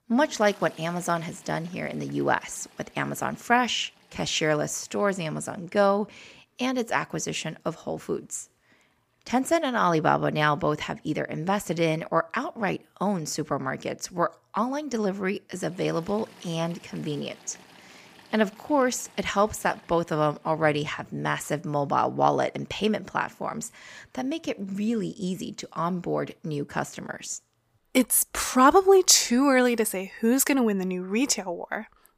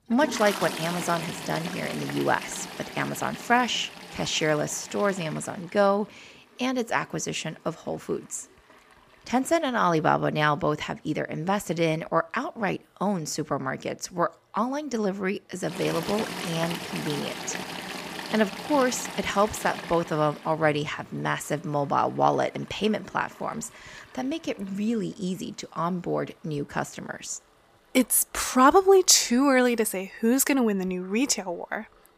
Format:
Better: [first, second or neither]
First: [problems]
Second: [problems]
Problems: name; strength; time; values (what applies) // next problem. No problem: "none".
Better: first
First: household noises; faint; throughout; 25 dB below the speech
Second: household noises; loud; throughout; 10 dB below the speech